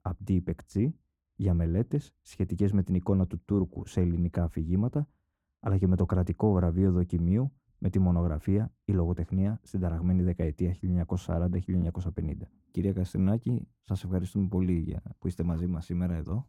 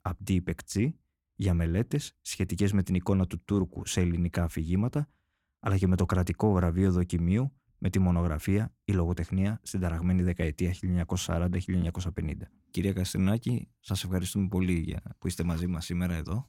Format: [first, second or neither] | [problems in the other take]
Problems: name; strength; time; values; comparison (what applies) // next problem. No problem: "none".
second | muffled; slightly; fading above 1.5 kHz